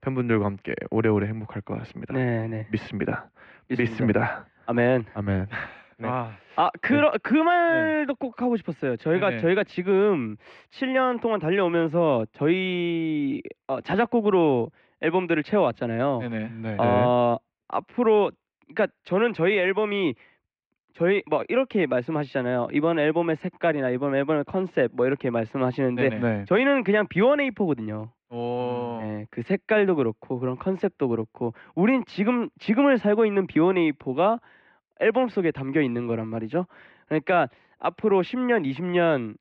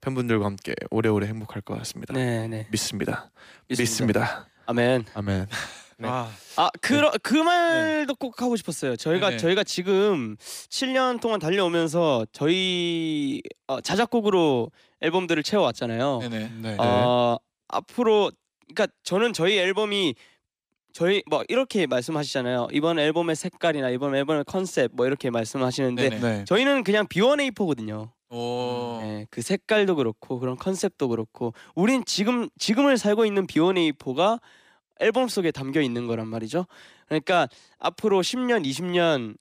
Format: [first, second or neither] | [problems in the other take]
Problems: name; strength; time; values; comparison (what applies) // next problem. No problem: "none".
second | muffled; very; fading above 2.5 kHz